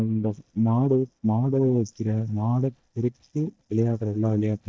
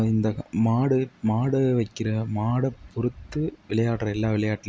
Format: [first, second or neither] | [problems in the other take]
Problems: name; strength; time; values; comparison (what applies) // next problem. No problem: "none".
second | noise reduction (neural mask model DeepFilterNet 3)